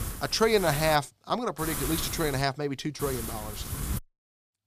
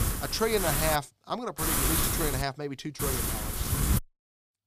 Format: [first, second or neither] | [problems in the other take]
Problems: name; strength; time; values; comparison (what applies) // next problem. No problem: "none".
first | wind noise on the microphone; heavy; at the start, at 1.5 s and at 3 s; 1 dB below the speech; occasional gusts in the first